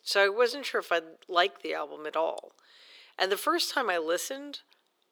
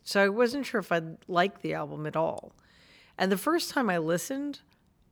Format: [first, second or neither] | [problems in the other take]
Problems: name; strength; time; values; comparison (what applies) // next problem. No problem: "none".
second | thin; very; fading below 400 Hz